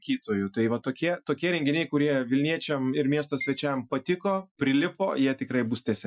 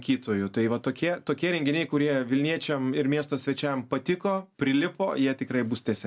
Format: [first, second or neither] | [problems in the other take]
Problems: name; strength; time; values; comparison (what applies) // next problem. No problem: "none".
second | noise reduction (classical method Wiener filter)